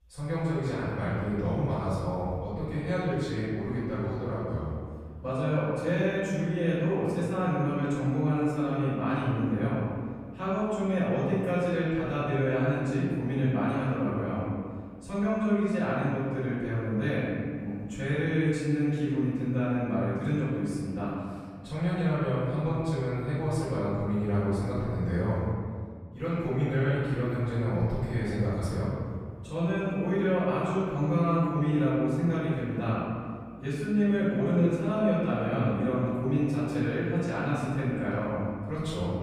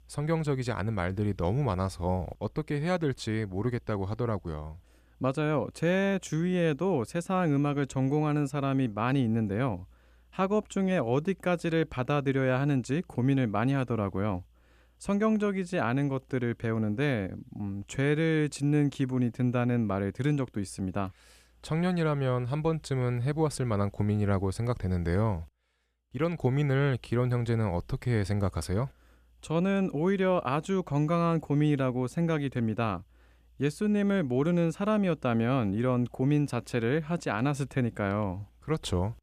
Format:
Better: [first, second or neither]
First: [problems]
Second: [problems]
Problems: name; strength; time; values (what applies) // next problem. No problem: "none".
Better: second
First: room echo; strong; dies away in 1.9 s // off-mic speech; far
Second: none